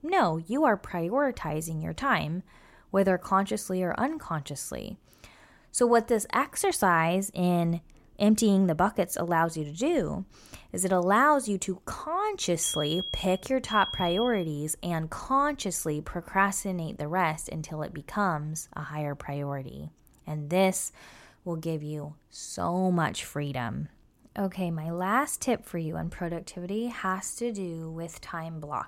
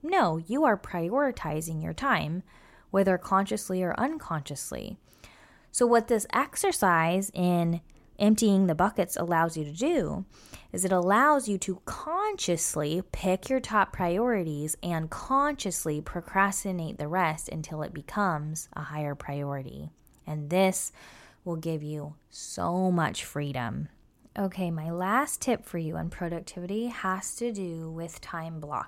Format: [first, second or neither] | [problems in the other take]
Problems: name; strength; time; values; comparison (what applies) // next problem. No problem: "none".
second | alarm; noticeable; from 13 to 14 s; peak 4 dB below the speech